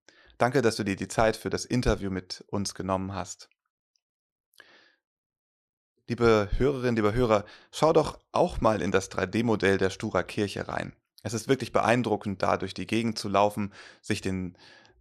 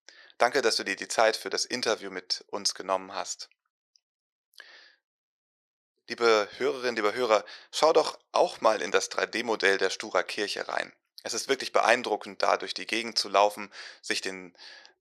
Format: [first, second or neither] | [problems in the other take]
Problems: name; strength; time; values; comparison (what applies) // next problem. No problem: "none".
first | thin; somewhat; fading below 500 Hz